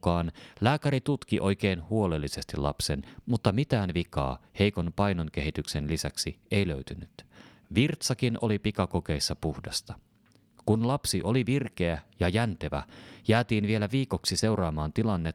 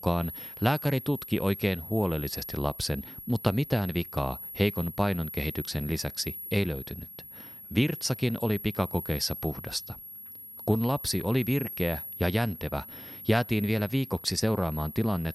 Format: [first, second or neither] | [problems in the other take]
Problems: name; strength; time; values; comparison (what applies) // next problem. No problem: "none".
first | high-pitched whine; noticeable; throughout; 11.5 kHz, 10 dB below the speech